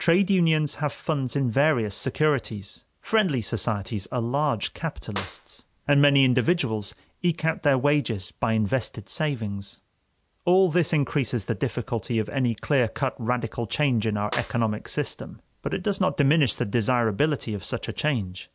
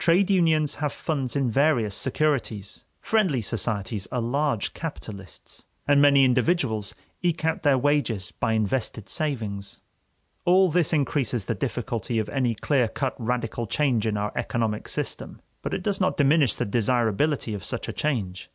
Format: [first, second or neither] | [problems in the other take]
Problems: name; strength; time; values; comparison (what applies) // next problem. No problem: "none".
second | background sound (Clapping); 18 dB below the speech